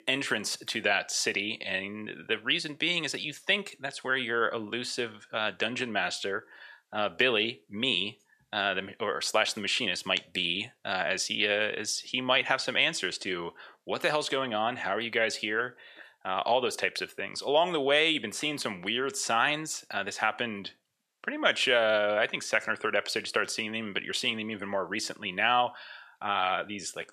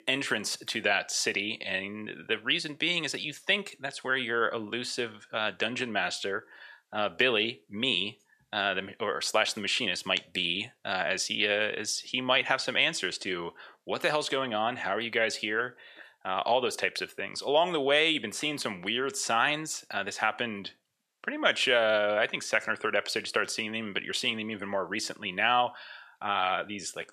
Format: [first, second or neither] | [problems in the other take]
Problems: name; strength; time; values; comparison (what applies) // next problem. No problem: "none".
neither | thin; very; fading below 700 Hz; the same in both